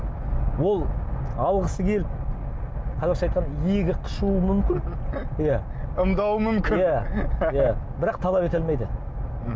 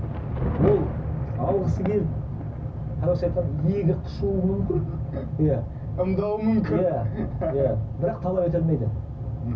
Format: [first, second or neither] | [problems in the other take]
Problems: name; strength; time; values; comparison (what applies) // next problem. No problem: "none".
first | background sound (Thunder / Rain); 13 dB below the speech // room echo; dies away in 0.4 s